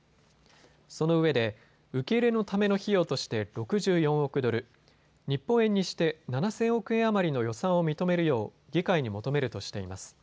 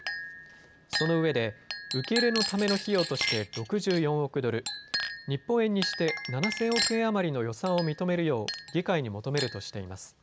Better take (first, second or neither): first